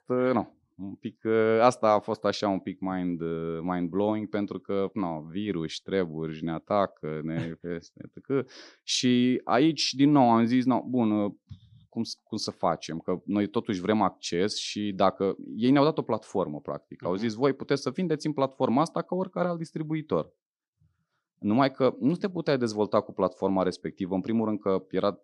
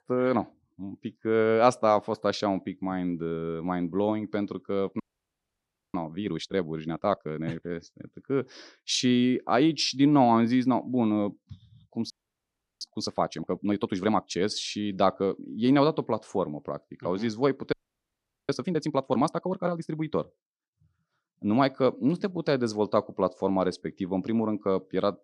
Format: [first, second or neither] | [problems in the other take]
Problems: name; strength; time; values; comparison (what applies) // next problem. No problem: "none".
first | audio freezing; at 5 s for 1 s, at 12 s for 0.5 s and at 18 s for 1 s